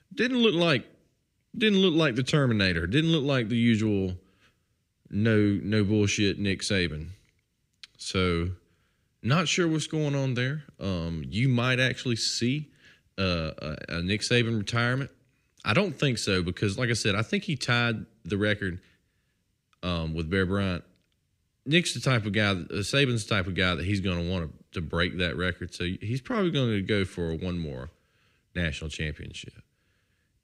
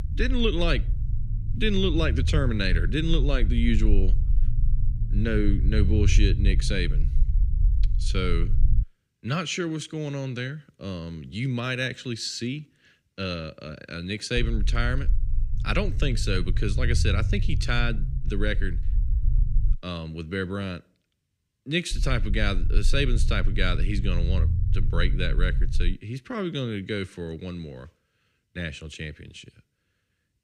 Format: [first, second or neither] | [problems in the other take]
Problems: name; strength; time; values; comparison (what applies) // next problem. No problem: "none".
first | low rumble; noticeable; until 9 s, from 14 to 20 s and from 22 to 26 s; 15 dB below the speech